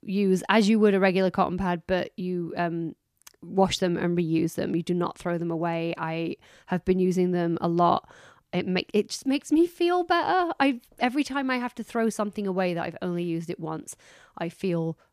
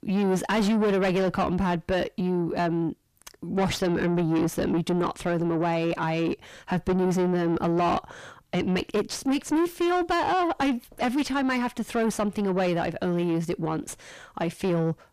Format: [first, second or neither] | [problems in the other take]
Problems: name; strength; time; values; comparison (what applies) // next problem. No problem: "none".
first | distortion; heavy; 6 dB below the speech